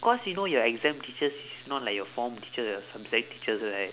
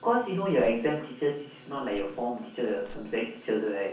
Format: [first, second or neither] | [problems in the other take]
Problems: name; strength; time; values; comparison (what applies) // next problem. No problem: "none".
first | background sound (Crushing); 18 dB below the speech // room echo; dies away in 0.6 s